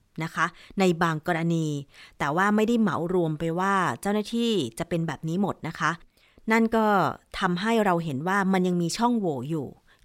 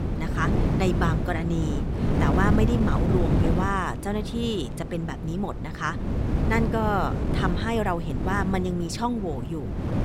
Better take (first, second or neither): first